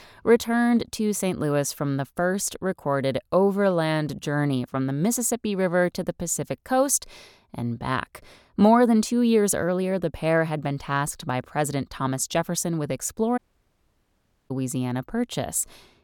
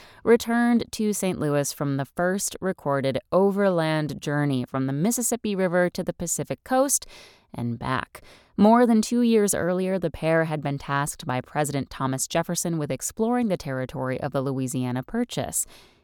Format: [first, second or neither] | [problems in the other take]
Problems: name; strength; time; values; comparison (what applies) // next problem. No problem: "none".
second | audio cutting out; at 13 s for 1 s